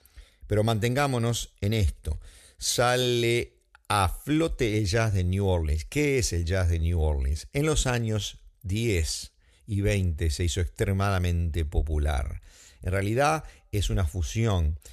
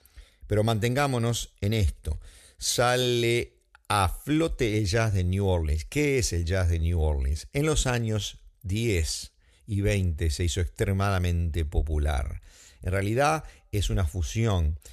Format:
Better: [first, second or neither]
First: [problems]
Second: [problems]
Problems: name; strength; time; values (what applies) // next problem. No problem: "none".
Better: neither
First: none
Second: none